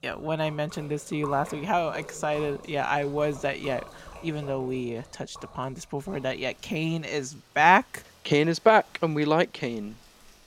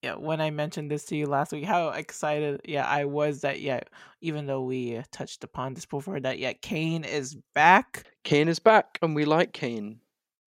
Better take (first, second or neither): second